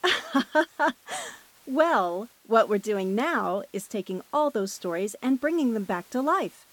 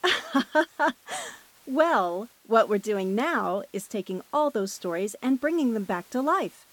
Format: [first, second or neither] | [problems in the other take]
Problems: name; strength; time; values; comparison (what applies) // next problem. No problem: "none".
neither | hiss; faint; throughout; 30 dB below the speech; the same in both